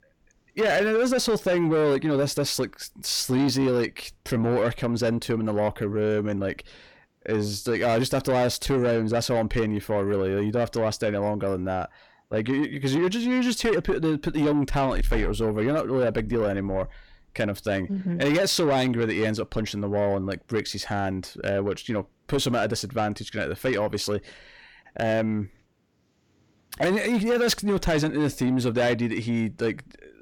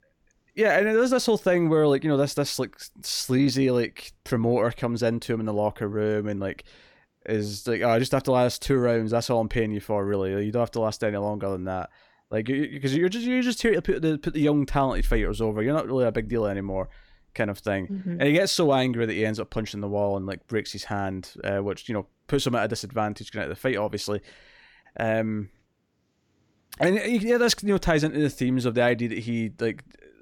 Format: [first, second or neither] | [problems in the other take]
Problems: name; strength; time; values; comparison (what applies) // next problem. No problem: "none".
second | distortion; slight; 10 dB below the speech